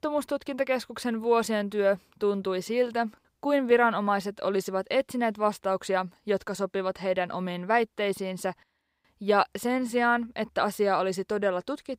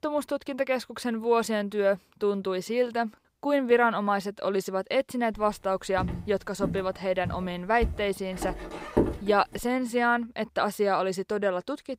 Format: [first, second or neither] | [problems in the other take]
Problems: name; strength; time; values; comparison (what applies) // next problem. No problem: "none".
first | footsteps; loud; from 5.5 to 9.5 s; peak 1 dB above the speech